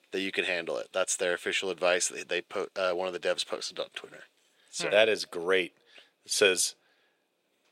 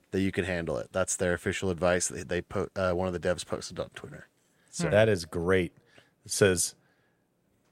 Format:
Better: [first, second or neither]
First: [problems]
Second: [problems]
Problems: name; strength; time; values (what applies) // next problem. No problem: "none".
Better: second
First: thin; somewhat; fading below 400 Hz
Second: none